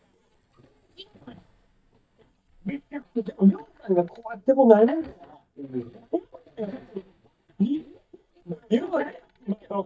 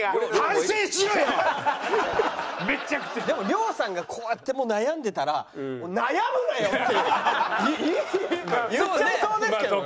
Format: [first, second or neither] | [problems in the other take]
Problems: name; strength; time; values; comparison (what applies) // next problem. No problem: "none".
second | noise reduction (neural mask model DeepFilterNet 3)